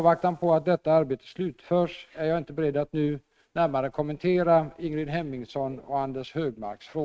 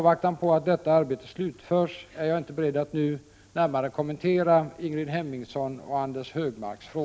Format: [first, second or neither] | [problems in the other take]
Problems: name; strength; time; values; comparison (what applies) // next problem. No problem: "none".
second | noise reduction (neural mask model RNNoise)